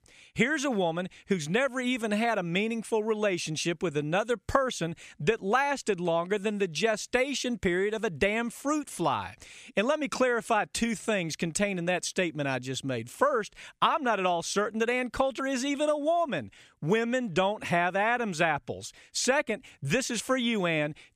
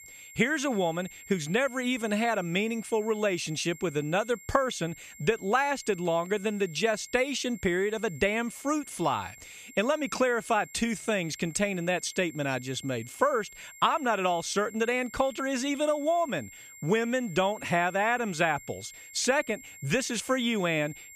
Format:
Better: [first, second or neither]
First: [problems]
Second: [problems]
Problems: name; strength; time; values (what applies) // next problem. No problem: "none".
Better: first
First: none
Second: high-pitched whine; noticeable; throughout; 2 kHz, 20 dB below the speech